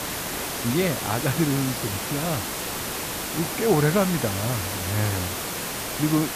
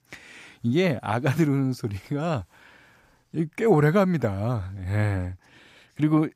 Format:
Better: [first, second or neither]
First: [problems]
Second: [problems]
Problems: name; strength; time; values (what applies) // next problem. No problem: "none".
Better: second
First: hiss; loud; throughout; 2 dB below the speech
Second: none